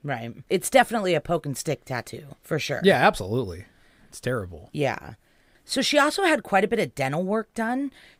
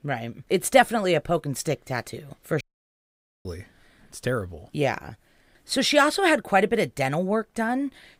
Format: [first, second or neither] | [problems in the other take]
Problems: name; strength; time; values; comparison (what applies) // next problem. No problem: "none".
first | audio cutting out; at 2.5 s for 1 s